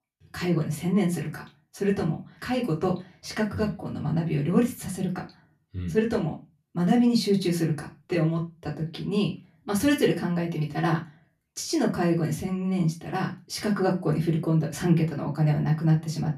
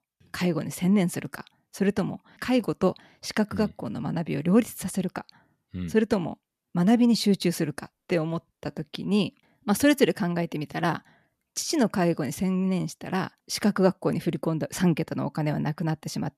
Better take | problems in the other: second | off-mic speech; far // room echo; very slight; dies away in 0.2 s

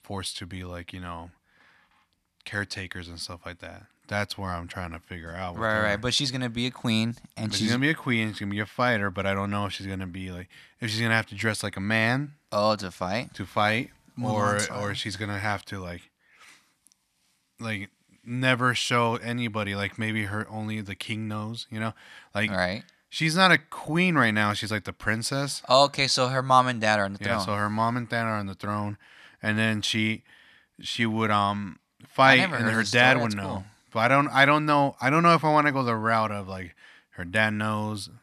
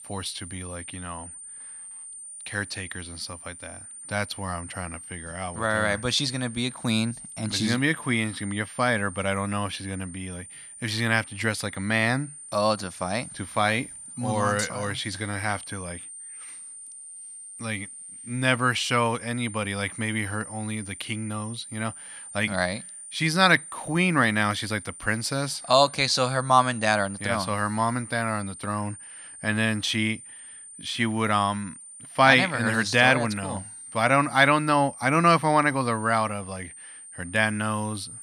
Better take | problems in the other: first | high-pitched whine; noticeable; throughout; 9 kHz, 15 dB below the speech

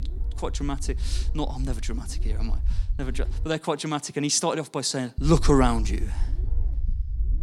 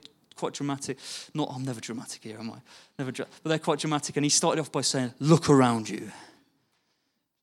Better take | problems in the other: second | low rumble; faint; until 3.5 s and from 5 s on; 25 dB below the speech

